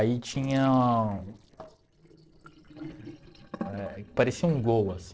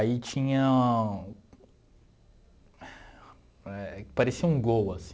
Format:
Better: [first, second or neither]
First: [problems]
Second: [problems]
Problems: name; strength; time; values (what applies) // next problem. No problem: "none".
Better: second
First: noise reduction (neural separator model SepFormer DNS4)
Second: none